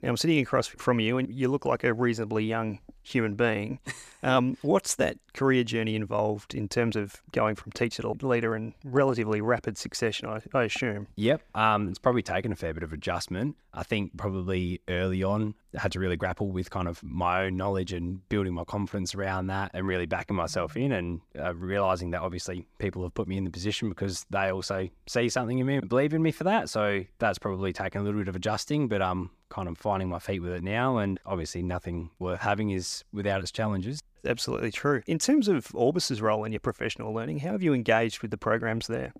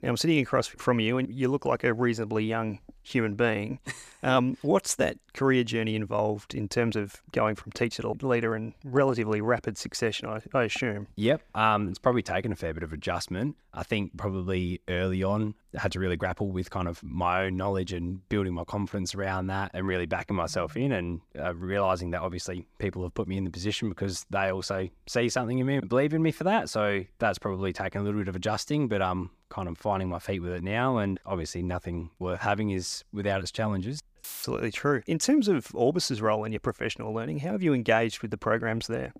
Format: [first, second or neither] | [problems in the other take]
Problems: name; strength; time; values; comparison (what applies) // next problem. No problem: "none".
first | audio cutting out; filled with static; at 34 s